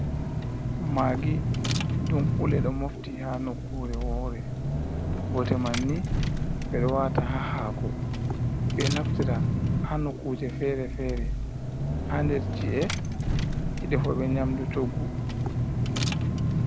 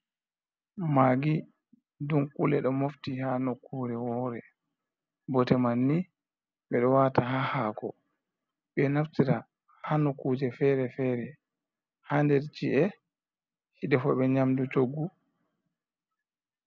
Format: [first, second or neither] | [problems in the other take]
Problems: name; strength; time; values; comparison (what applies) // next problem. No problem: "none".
second | background sound (Engine / Car); 4 dB above the speech